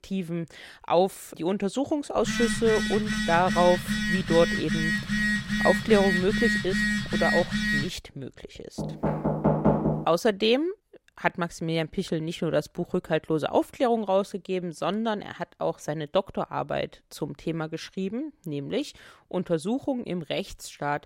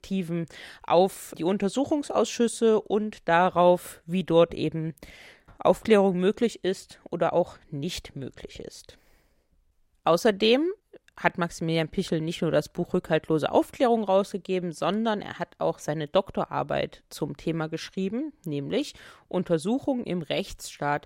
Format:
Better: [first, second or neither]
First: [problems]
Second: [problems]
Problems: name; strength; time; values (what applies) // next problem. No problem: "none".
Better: second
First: phone ringing; loud; from 2 to 8 s; peak 3 dB above the speech // door banging; loud; from 9 to 10 s; peak 5 dB above the speech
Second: none